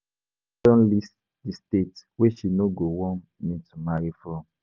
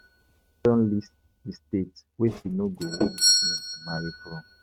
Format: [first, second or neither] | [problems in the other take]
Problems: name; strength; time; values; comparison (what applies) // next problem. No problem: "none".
first | noise reduction (neural mask model RNNoise)